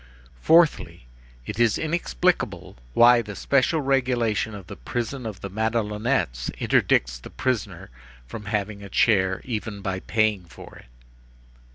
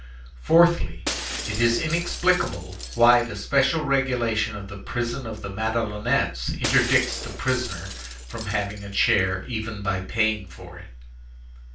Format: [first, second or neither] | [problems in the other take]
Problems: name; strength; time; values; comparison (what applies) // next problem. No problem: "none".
first | background sound (Shatter); 12 dB below the speech // room echo; dies away in 0.3 s